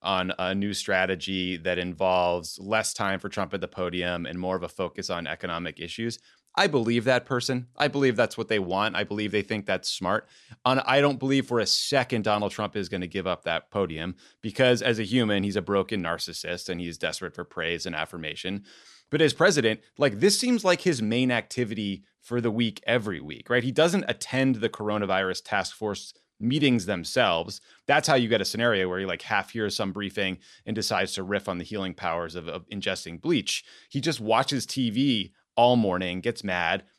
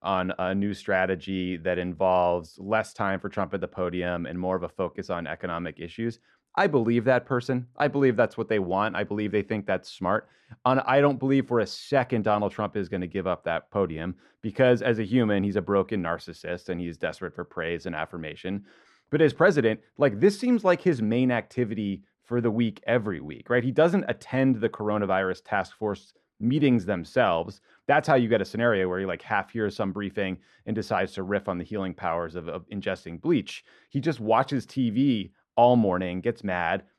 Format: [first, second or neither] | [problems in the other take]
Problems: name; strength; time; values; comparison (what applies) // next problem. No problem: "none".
first | muffled; very; fading above 2.5 kHz